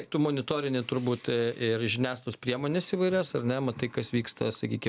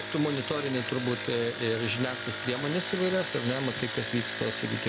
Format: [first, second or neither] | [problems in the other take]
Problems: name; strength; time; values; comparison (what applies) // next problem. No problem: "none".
first | background sound (Engine); 6 dB below the speech